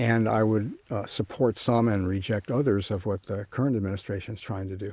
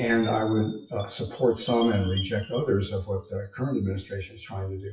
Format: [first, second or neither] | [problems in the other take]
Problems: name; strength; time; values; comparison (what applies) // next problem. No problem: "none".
first | noise reduction (classical method WPE with log-MMSE)